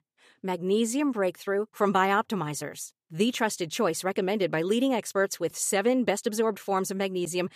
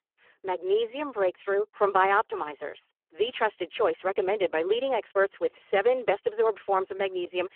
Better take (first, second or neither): first